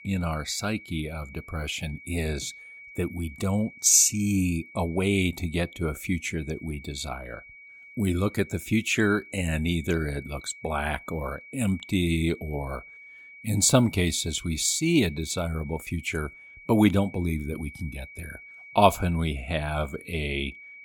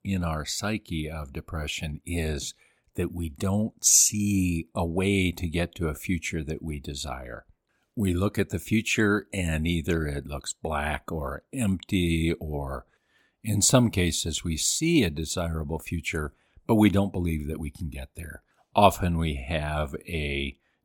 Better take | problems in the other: second | high-pitched whine; noticeable; throughout; 2.5 kHz, 20 dB below the speech

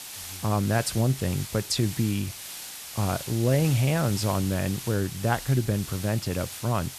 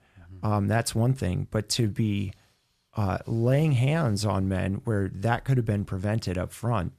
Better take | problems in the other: second | hiss; loud; throughout; 10 dB below the speech

